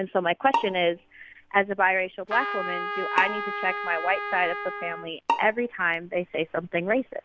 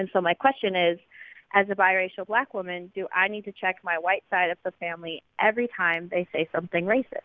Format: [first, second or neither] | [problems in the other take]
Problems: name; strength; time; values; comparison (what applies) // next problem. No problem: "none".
second | background sound (Trumpet + Bowed string instrument); 5 dB below the speech